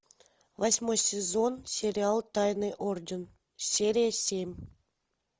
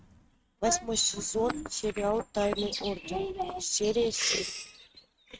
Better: first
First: none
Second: noise reduction (neural mask model RNNoise)

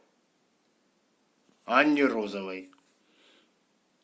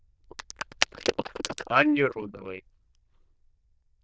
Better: first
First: none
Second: noise reduction (neural diffusion model UNIVERSE++)

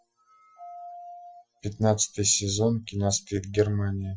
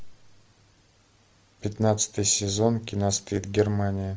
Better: second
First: noise reduction (classical method Wiener filter)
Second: none

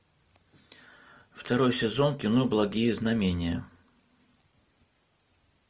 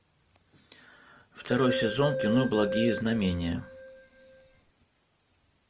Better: first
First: none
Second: background sound (Keyboard (musical)); 4 dB below the speech

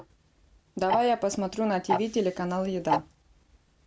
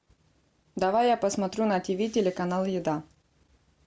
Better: second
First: background sound (Tick-tock); 6 dB below the speech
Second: none

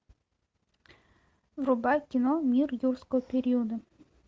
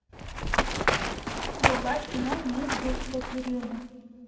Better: first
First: none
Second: background sound (Run); 4 dB above the speech // room echo; dies away in 2 s

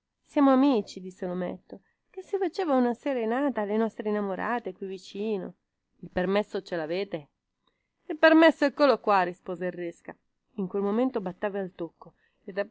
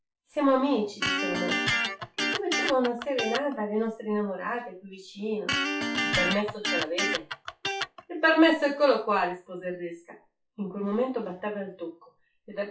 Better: first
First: none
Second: noise reduction (classical method WPE with log-MMSE)

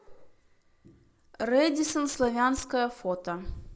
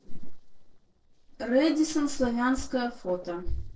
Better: first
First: none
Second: noise reduction (neural separator model SepFormer DNS4)

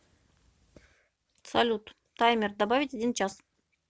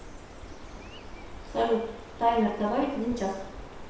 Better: first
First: none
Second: background sound (Bird); 12 dB below the speech // room echo; dies away in 0.7 s

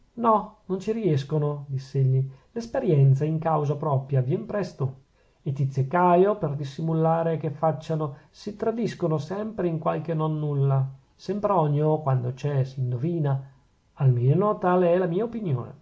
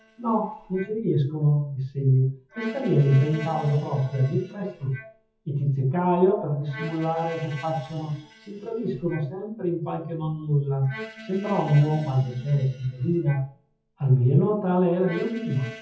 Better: first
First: none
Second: noise reduction (classical method WPE with log-MMSE)

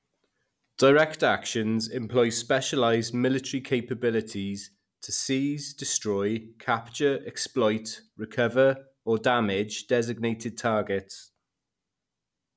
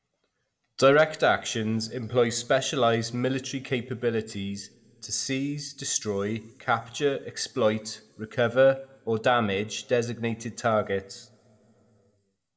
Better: first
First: none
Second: room echo; dies away in 1.1 s

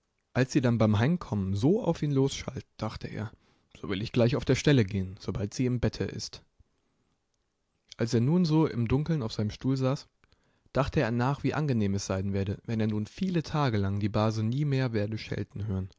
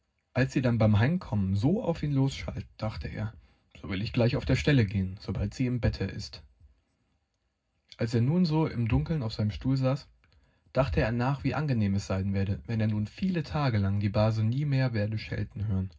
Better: first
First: none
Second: room echo; dies away in 0.4 s

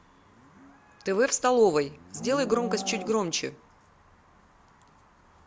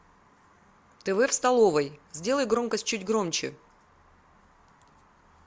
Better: second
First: background sound (Livestock, farm animals, working animals); 14 dB below the speech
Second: none

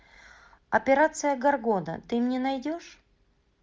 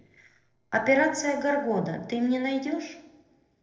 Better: first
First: none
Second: noise reduction (neural separator model SepFormer DNS4)

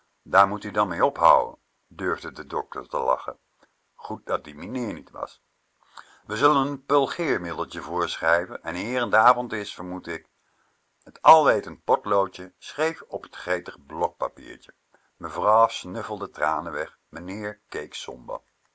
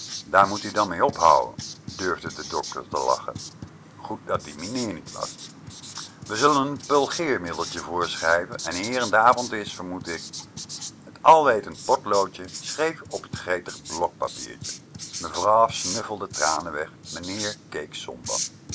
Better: first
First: none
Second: background sound (Writing); 12 dB below the speech

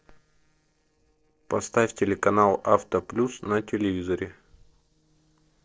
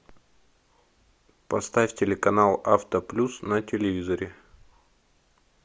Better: second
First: noise reduction (neural separator model SepFormer DNS4)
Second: none

